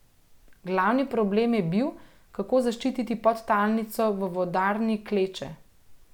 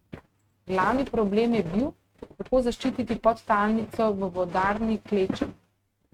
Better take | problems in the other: first | noise reduction (neural mask model RNNoise)

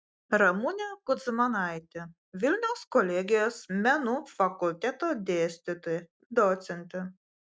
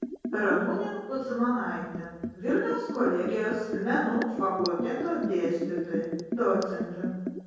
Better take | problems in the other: first | background sound (Liquid); 6 dB below the speech // room echo; dies away in 1.3 s

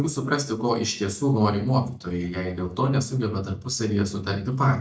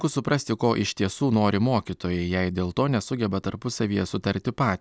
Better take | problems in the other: second | noise reduction (neural mask model DeepFilterNet 3)

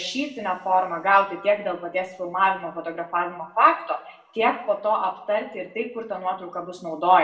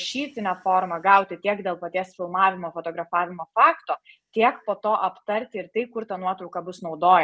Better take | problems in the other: second | room echo; dies away in 0.6 s

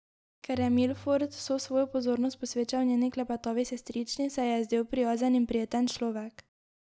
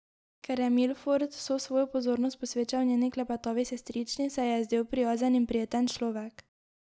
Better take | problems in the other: second | background sound (Bowed string instrument); 18 dB below the speech

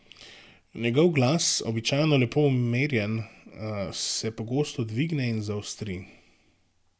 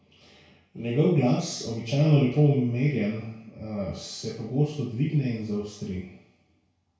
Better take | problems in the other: first | room echo; dies away in 0.6 s

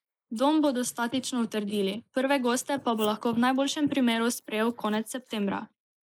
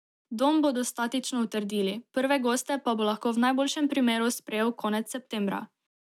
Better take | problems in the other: second | noise reduction (neural mask model Resemble Enhance denoiser)

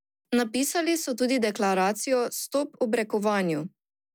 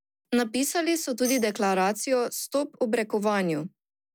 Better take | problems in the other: first | background sound (Tambourine); 15 dB below the speech

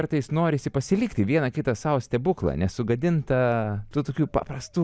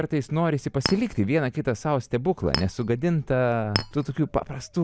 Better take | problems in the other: first | background sound (Chink, clink); 7 dB below the speech

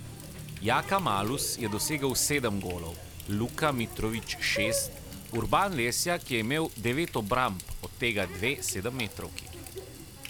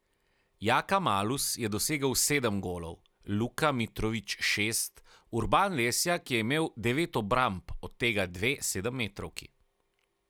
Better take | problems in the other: second | background sound (Water tap, faucet); 10 dB below the speech

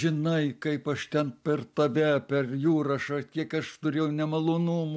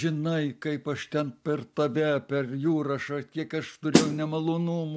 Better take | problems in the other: first | background sound (Snare drum); 4 dB above the speech

